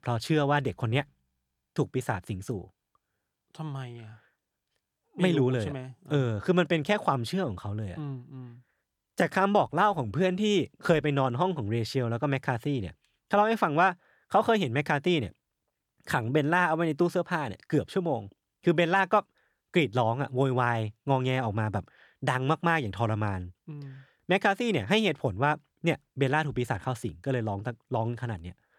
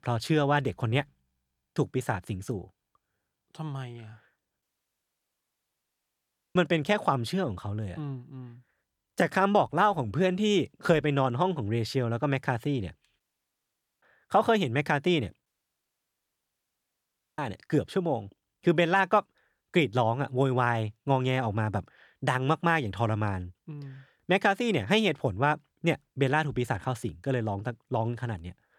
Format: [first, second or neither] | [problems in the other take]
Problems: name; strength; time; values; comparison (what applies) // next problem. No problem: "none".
first | audio cutting out; at 4.5 s for 2 s, at 13 s for 1 s and at 15 s for 2 s